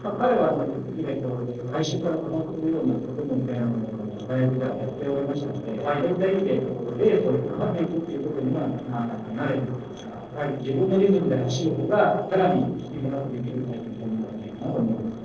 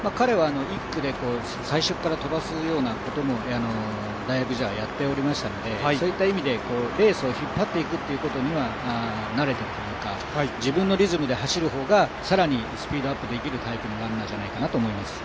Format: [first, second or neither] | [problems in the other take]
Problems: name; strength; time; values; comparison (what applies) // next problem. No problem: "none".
second | noise reduction (neural separator model SepFormer DNS4)